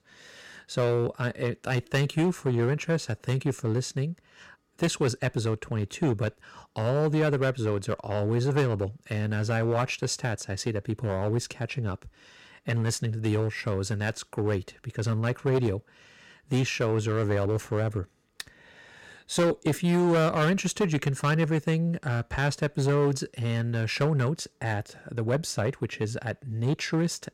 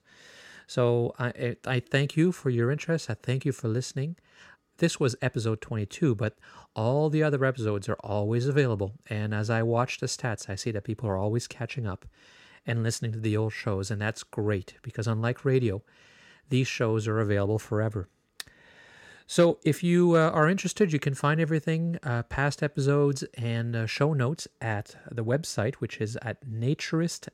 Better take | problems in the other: second | distortion; slight; 6% of the sound clipped

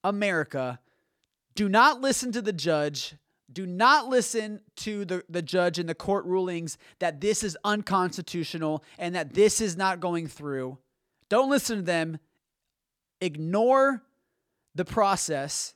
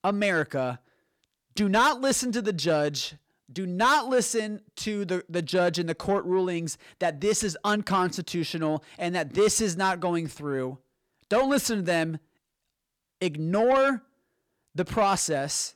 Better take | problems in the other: first | distortion; slight; 10 dB below the speech

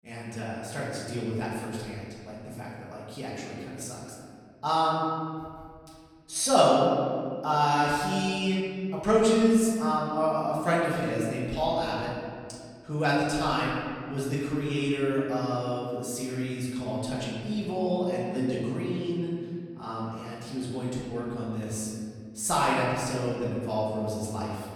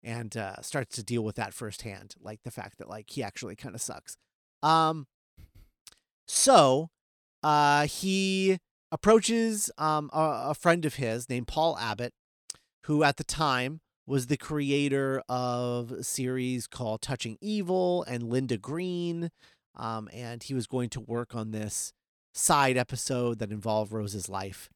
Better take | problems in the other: second | off-mic speech; far // room echo; noticeable; dies away in 2.1 s

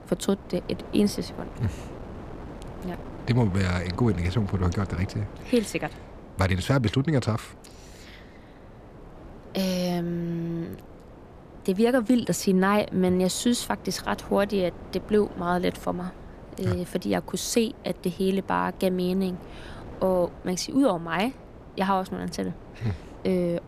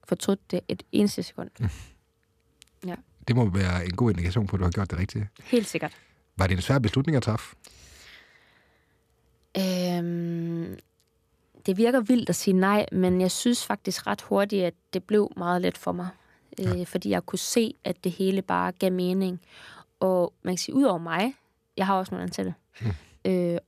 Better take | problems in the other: second | wind noise on the microphone; occasional gusts; 20 dB below the speech

